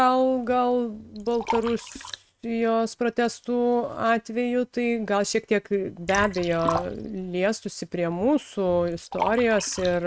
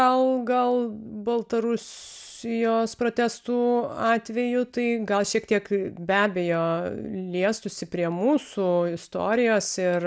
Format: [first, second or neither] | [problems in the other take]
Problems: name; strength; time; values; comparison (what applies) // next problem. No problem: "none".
second | noise reduction (neural mask model RNNoise)